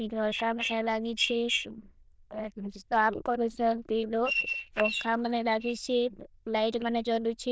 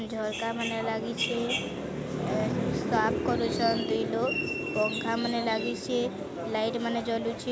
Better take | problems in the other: second | noise reduction (neural diffusion model UNIVERSE++)

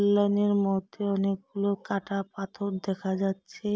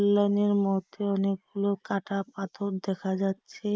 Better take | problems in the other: first | noise reduction (neural mask model Resemble Enhance denoiser)

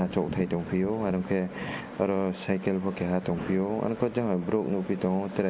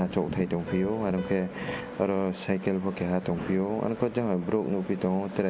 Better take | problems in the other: first | background sound (Piano); 19 dB below the speech

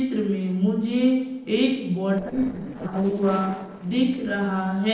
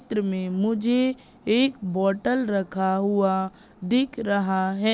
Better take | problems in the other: second | noise reduction (neural separator model SepFormer DNS4)

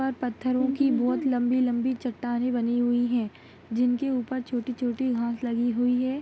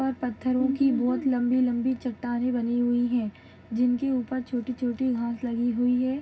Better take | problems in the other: first | room echo; dies away in 0.4 s

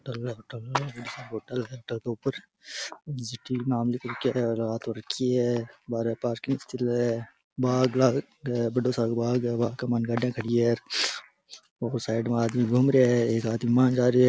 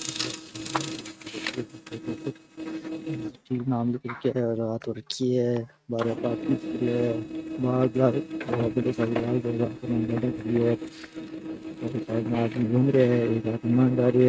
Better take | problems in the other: first | noise reduction (neural mask model RNNoise)

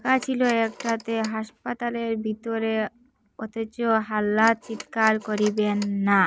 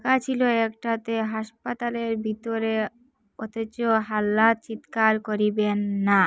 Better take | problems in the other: second | background sound (Telephone); 20 dB below the speech

